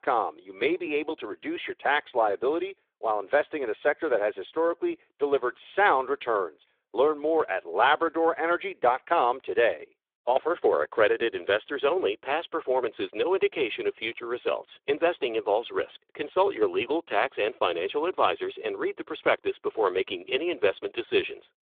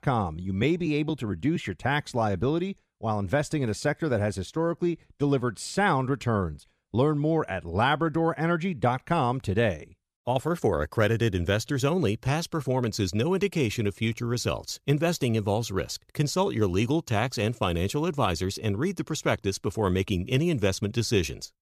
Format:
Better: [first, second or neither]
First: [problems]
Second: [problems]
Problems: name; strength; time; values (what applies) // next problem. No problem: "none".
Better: second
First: phone-call audio; nothing above 3.5 kHz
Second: none